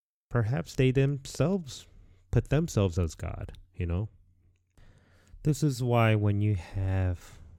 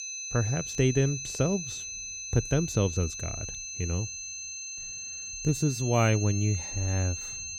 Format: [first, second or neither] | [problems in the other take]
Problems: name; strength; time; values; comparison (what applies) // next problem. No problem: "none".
first | high-pitched whine; loud; throughout; 6 kHz, 6 dB below the speech